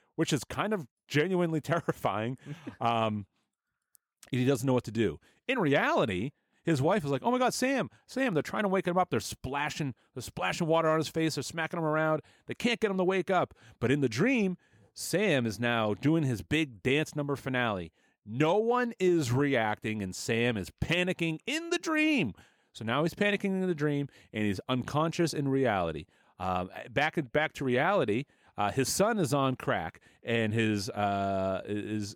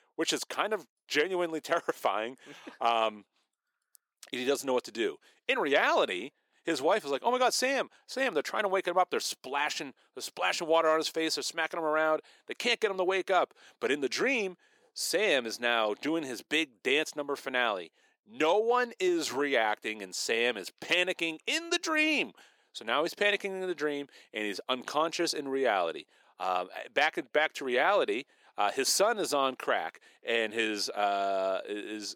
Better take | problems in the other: first | thin; somewhat; fading below 350 Hz

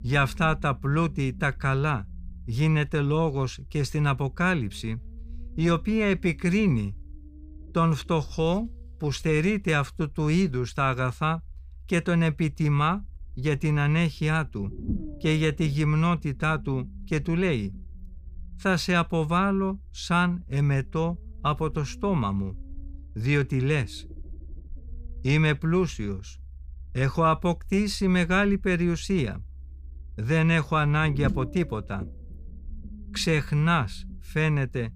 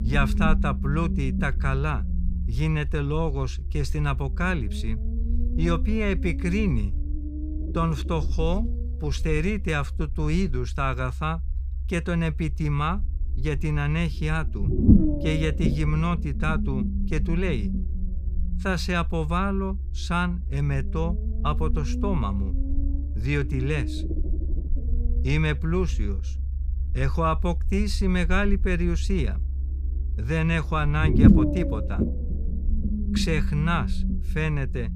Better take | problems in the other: first | low rumble; loud; throughout; 7 dB below the speech; faint in the first

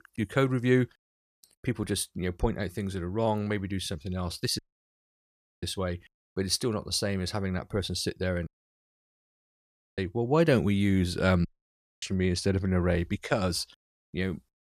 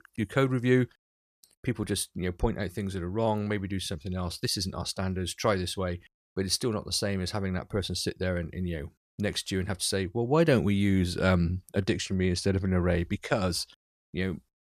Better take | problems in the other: second | audio cutting out; at 4.5 s for 1 s, at 8.5 s for 1.5 s and at 11 s for 0.5 s

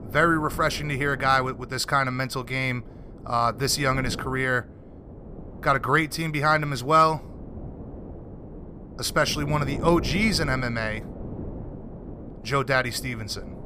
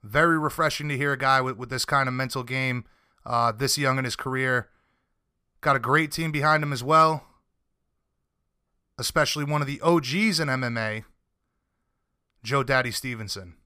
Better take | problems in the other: second | wind noise on the microphone; occasional gusts; 20 dB below the speech

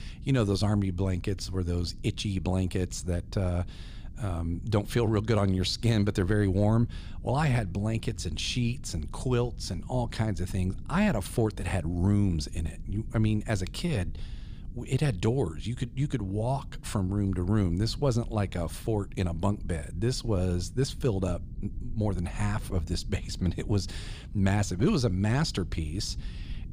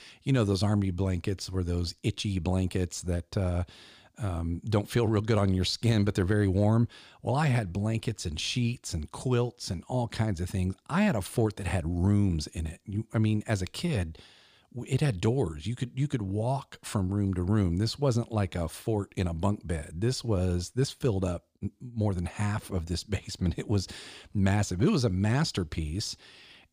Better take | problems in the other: second | low rumble; faint; throughout; 25 dB below the speech

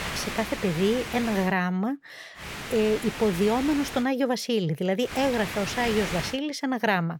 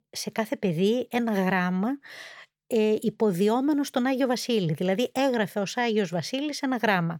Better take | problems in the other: second | hiss; loud; until 1.5 s, from 2.5 to 4 s and from 5 to 6.5 s; 8 dB below the speech

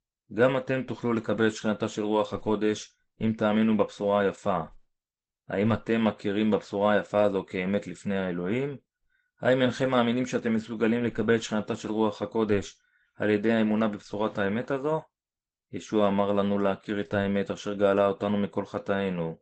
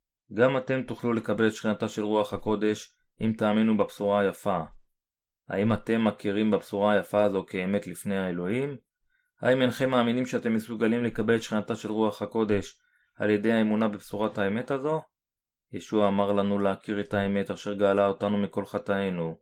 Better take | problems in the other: second | garbled, watery; badly; nothing above 8 kHz; slightly in the second

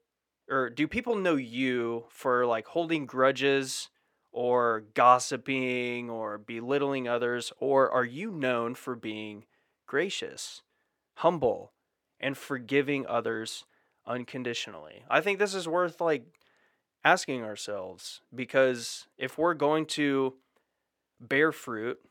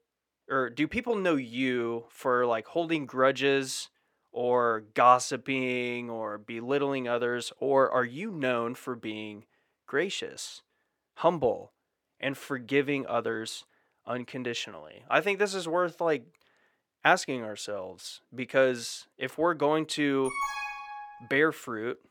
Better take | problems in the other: first | alarm; noticeable; at 20 s; peak 3 dB below the speech

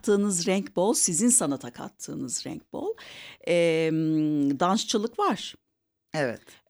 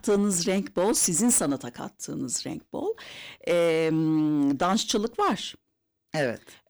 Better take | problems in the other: first | distortion; slight; 6% of the sound clipped

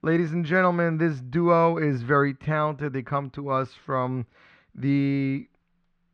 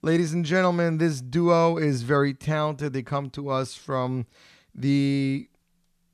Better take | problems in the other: second | muffled; slightly; fading above 2 kHz

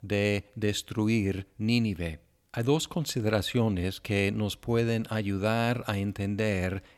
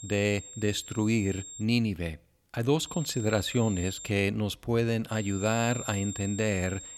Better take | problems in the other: first | high-pitched whine; noticeable; until 1.5 s, from 3 to 4 s and from 5 s on; 7.5 kHz, 10 dB below the speech

